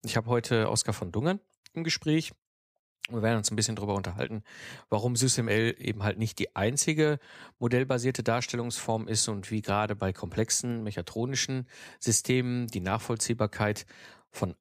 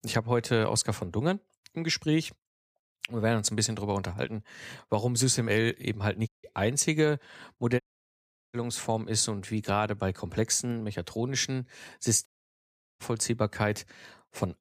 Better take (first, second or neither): first